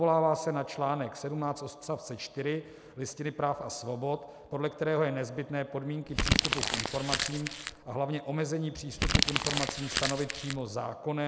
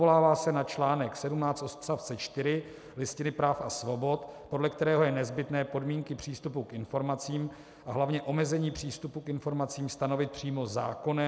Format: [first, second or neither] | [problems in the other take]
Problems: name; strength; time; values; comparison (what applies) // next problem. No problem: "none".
second | background sound (Crumpling, crinkling); 2 dB above the speech